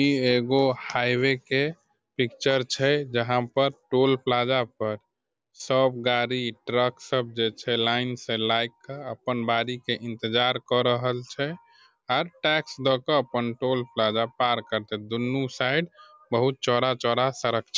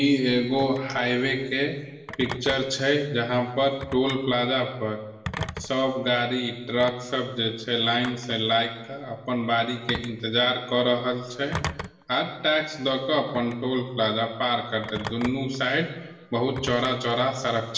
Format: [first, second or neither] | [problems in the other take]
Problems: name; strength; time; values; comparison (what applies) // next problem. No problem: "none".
first | background sound (Telephone); 15 dB below the speech // room echo; dies away in 1.1 s